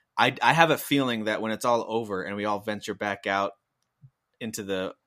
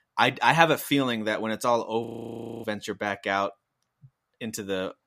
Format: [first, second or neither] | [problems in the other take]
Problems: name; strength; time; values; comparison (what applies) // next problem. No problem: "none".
first | audio freezing; at 2 s for 0.5 s